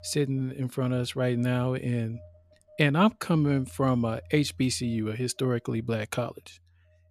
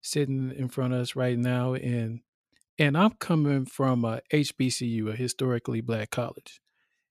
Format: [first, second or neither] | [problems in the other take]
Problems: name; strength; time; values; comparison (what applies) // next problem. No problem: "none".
second | alarms or sirens; faint; throughout; 25 dB below the speech